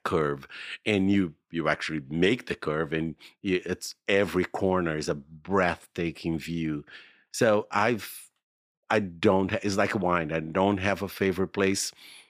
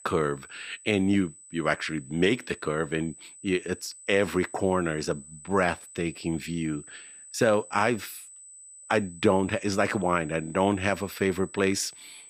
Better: first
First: none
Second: high-pitched whine; noticeable; throughout; 8 kHz, 20 dB below the speech

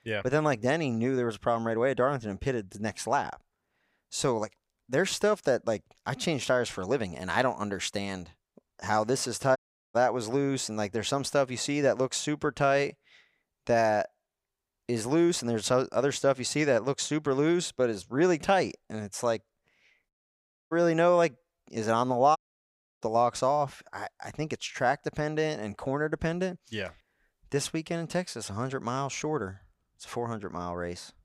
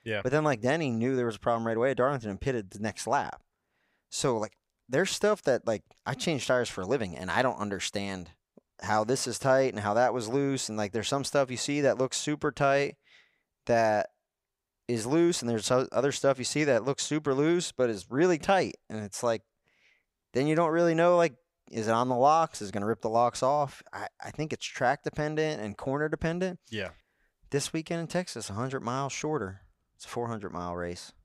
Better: second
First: audio cutting out; at 9.5 s, at 20 s for 0.5 s and at 22 s for 0.5 s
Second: none

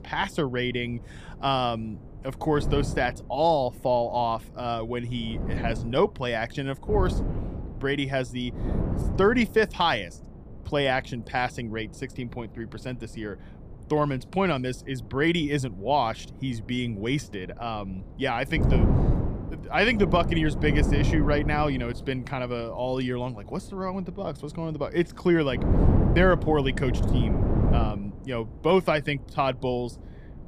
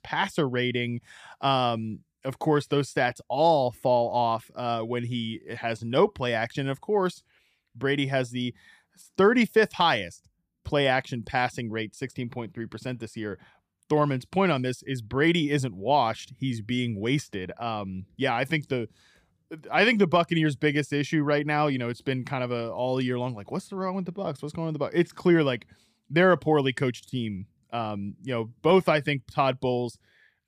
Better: second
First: wind noise on the microphone; heavy; 9 dB below the speech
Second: none

